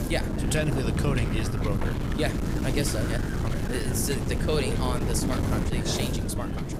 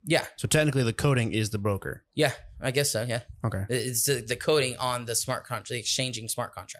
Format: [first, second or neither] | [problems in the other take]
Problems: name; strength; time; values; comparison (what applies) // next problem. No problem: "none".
second | wind noise on the microphone; heavy; 1 dB below the speech